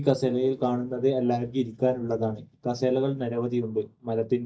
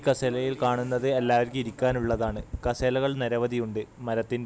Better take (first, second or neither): second